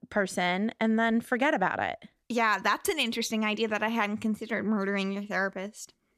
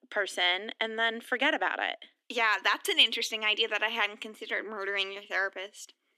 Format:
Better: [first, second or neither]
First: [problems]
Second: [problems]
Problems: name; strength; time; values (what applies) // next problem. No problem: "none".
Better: first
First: none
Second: thin; somewhat; fading below 250 Hz